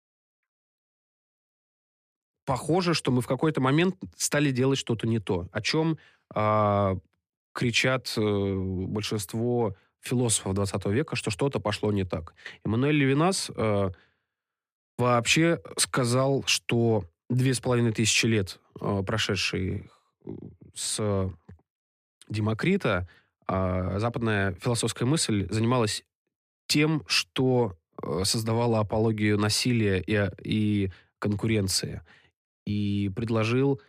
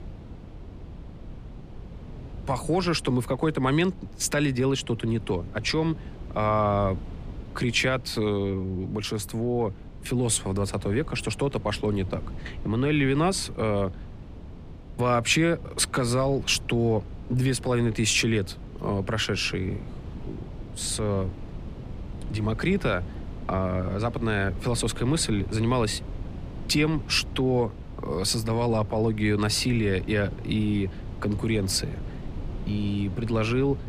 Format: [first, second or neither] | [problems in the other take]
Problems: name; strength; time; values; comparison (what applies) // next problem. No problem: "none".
first | wind noise on the microphone; occasional gusts; 20 dB below the speech